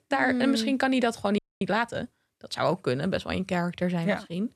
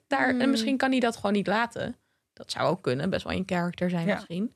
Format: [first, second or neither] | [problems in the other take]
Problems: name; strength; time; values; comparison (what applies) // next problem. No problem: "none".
second | audio freezing; at 1.5 s